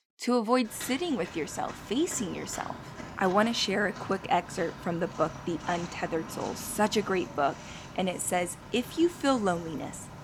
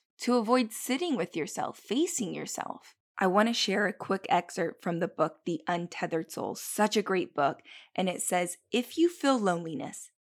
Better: second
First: footsteps; faint; from 0.5 s on; peak 10 dB below the speech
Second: none

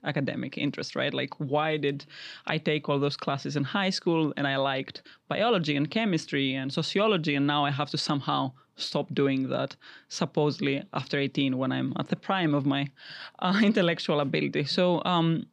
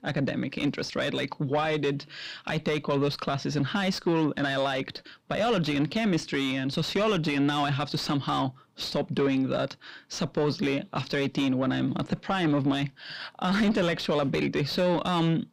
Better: first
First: none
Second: distortion; slight; 10 dB below the speech

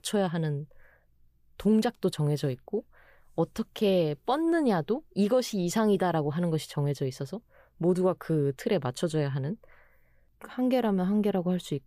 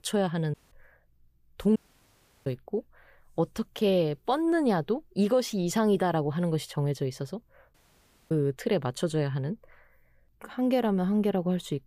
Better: first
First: none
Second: audio cutting out; at 0.5 s, at 2 s for 0.5 s and at 7.5 s for 0.5 s

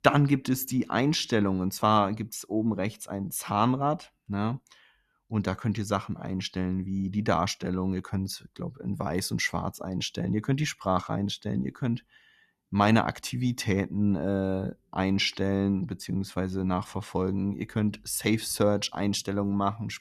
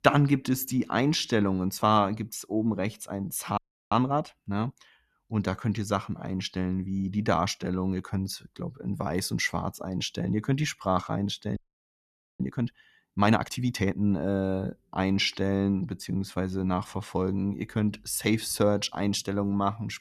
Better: first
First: none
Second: audio freezing; at 3.5 s and at 12 s for 1 s

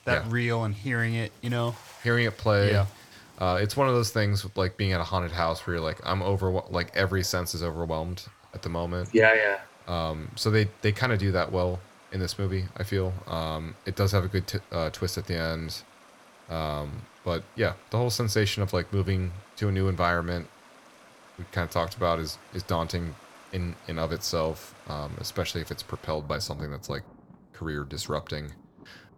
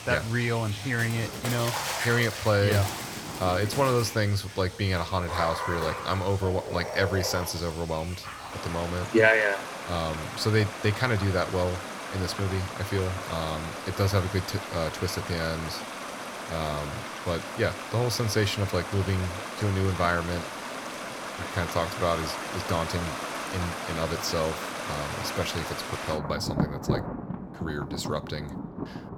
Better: first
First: rain or running water; faint; throughout; 25 dB below the speech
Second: rain or running water; loud; throughout; 6 dB below the speech

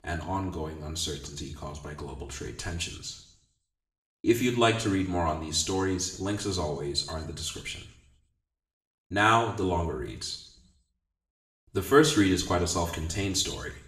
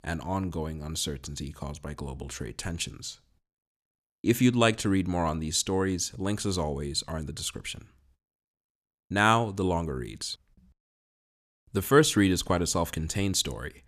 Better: second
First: room echo; slight; dies away in 0.7 s // off-mic speech; far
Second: none

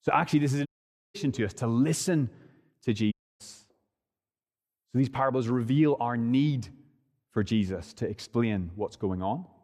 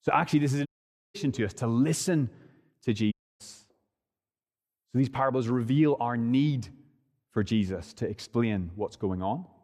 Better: neither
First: audio cutting out; at 0.5 s and at 3 s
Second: audio cutting out; at 0.5 s and at 3 s

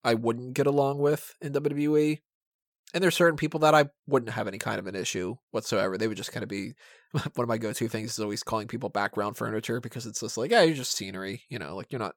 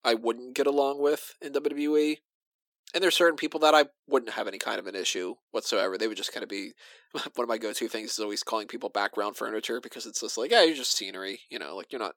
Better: first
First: none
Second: thin; very slightly; fading below 250 Hz

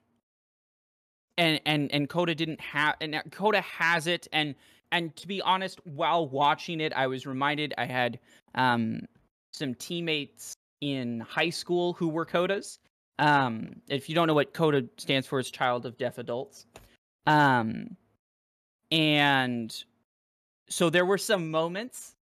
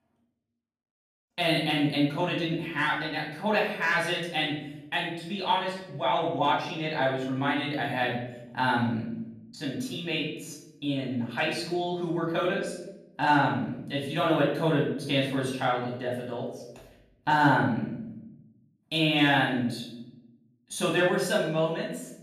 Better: first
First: none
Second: off-mic speech; far // room echo; noticeable; dies away in 0.8 s

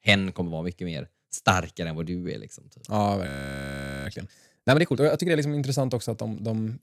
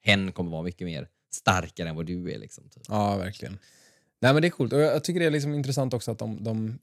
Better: second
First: audio freezing; at 3.5 s for 1 s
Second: none

